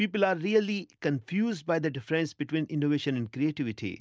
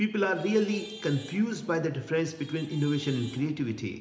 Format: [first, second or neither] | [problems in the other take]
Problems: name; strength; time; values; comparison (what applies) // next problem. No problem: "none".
first | background sound (Traffic noise, roadway noise / Vehicle horn, car horn, honking); 20 dB below the speech // room echo; dies away in 0.8 s